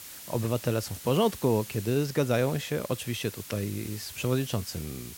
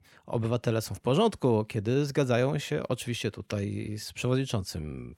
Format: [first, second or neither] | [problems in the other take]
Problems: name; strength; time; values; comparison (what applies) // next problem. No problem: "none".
second | hiss; noticeable; throughout; 10 dB below the speech